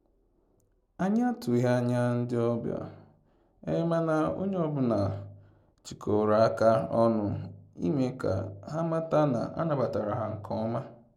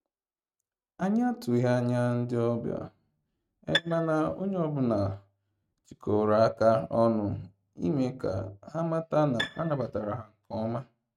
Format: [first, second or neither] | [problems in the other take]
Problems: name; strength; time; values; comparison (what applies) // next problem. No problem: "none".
first | noise reduction (neural mask model RNNoise)